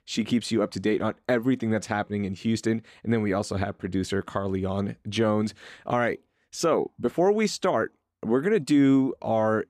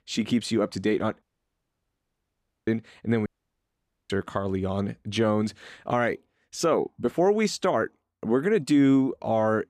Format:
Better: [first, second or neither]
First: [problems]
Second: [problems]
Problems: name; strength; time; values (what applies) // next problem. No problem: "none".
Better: first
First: none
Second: audio cutting out; at 1 s for 1.5 s and at 3.5 s for 1 s